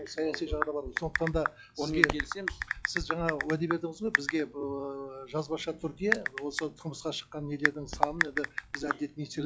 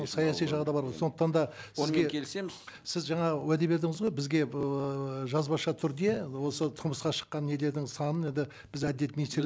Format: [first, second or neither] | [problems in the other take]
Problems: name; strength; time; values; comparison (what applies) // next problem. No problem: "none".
second | noise reduction (classical method log-MMSE)